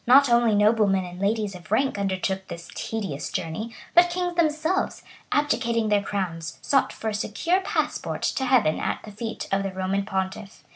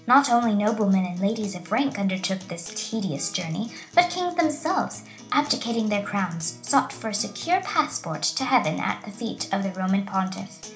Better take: first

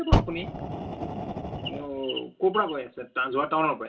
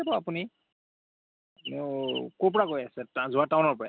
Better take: second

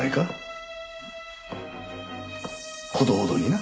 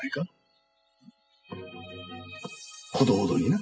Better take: first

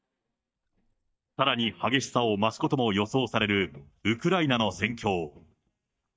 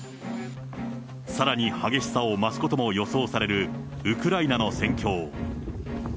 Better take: second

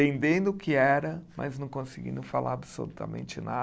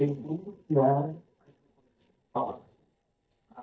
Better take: first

